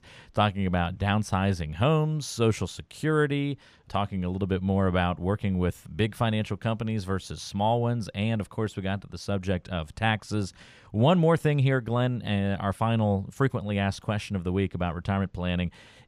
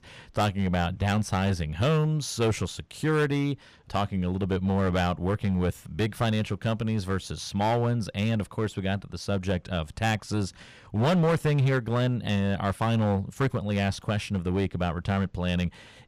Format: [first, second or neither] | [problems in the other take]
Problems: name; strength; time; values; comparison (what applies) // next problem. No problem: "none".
first | distortion; slight; 8% of the sound clipped